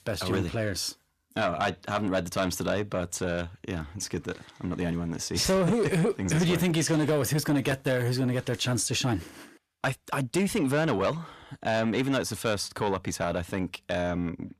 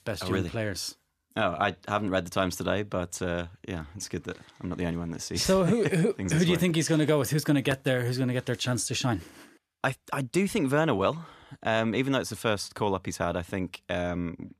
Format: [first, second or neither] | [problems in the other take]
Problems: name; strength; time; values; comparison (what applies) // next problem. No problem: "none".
second | distortion; slight; 10 dB below the speech